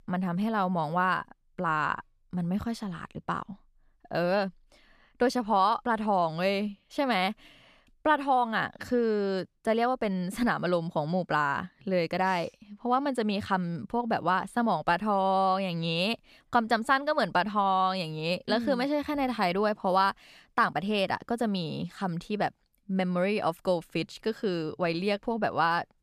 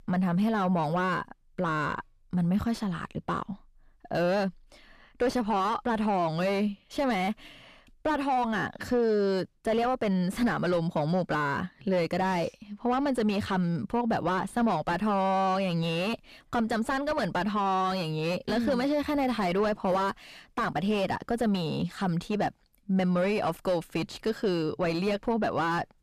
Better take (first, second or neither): first